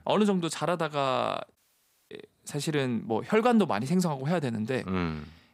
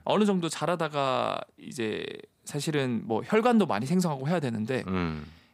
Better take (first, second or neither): second